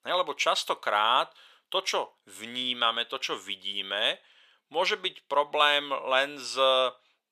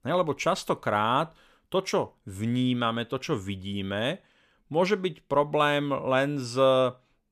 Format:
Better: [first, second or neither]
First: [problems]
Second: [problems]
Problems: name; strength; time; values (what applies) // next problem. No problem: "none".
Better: second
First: thin; very; fading below 650 Hz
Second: none